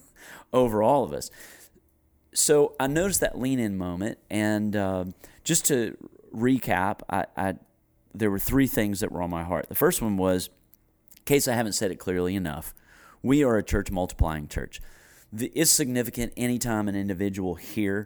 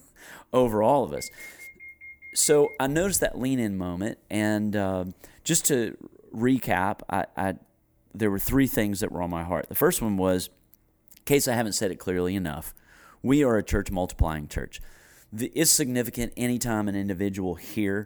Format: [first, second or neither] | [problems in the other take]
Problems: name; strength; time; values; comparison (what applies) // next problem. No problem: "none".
first | alarm; faint; from 1 to 3 s; peak 15 dB below the speech